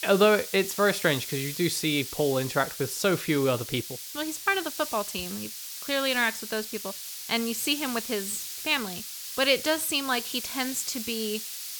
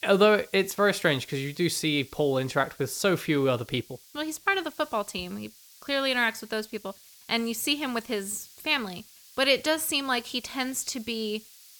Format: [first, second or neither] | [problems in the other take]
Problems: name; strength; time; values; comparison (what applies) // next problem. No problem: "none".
second | hiss; loud; throughout; 8 dB below the speech; faint in the second